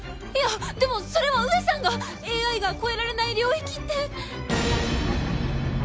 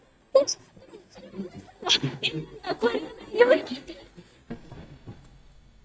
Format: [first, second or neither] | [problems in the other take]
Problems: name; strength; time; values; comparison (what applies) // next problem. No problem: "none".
first | noise reduction (neural mask model DeepFilterNet 3)